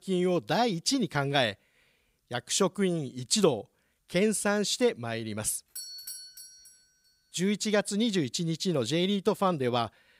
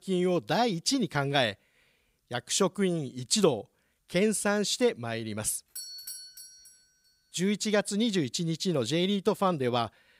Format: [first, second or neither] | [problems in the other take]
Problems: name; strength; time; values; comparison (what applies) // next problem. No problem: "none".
neither | doorbell; noticeable; at 6 s; peak 9 dB below the speech; the same in both